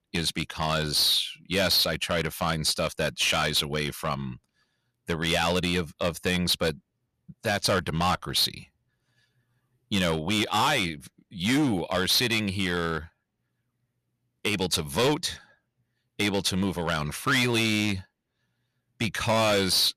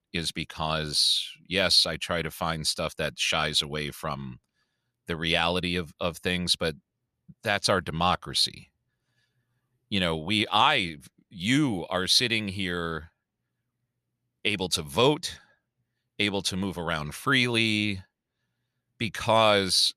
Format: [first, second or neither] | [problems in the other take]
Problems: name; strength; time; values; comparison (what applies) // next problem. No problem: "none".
second | distortion; heavy; 8% of the sound clipped